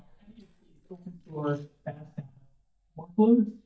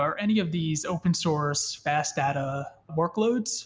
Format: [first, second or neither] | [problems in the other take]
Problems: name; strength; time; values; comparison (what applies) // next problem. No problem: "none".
second | noise reduction (neural mask model DeepFilterNet 3)